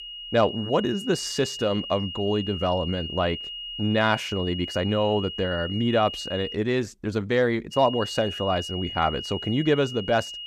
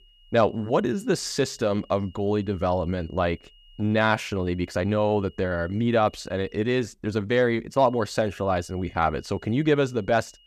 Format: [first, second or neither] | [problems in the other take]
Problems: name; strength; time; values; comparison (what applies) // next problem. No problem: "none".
second | high-pitched whine; loud; until 6.5 s and from 7.5 s on; 3 kHz, 8 dB below the speech; faint in the second